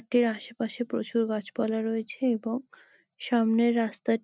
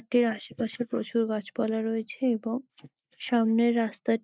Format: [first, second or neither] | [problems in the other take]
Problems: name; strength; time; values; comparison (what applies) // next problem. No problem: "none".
first | noise reduction (neural mask model Resemble Enhance denoiser)